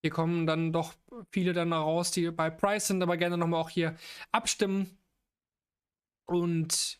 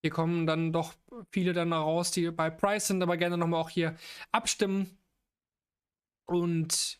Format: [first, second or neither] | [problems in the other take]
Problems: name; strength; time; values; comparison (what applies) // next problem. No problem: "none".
neither | none